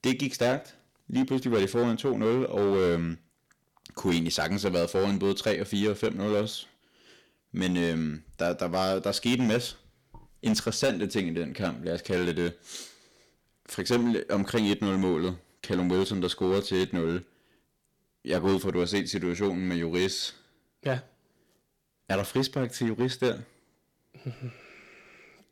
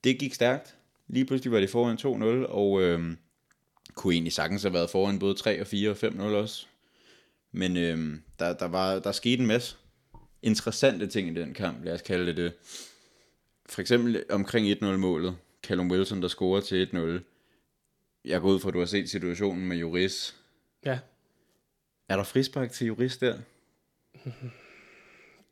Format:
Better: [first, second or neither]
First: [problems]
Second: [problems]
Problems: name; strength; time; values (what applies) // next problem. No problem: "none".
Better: second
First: distortion; slight; 5% of the sound clipped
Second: none